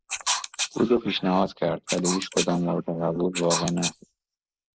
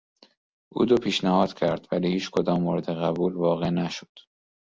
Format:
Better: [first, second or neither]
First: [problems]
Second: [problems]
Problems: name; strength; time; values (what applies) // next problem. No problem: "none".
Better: second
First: noise reduction (neural mask model Resemble Enhance denoiser)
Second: none